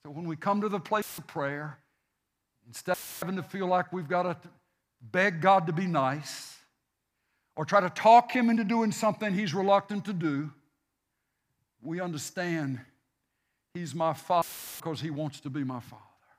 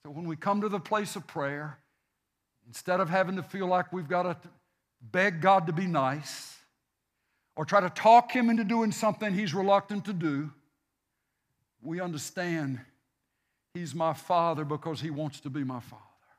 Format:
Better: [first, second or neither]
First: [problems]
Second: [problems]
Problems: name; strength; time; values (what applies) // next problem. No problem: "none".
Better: second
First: audio cutting out; filled with static; at 1 s, at 3 s and at 14 s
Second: none